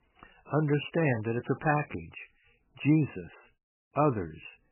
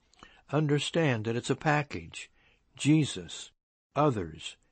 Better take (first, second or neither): second